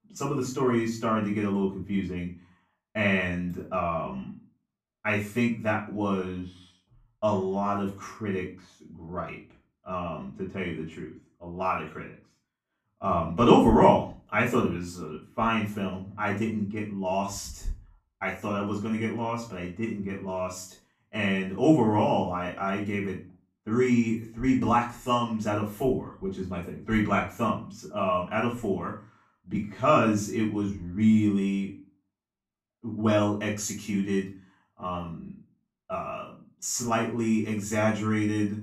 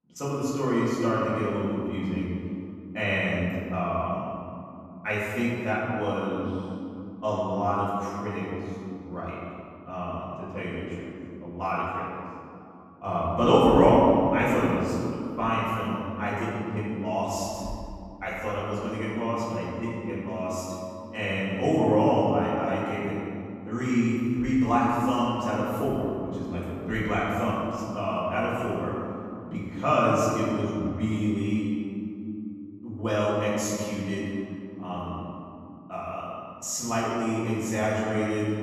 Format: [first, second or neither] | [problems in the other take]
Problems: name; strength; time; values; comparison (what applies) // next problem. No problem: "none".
first | room echo; strong; dies away in 2.9 s; slight in the first // off-mic speech; far; far in the first